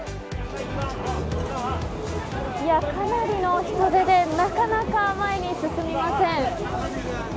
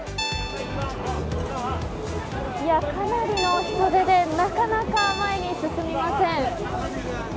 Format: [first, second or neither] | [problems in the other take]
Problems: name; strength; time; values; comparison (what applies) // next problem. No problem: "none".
first | background sound (Guitar); 9 dB below the speech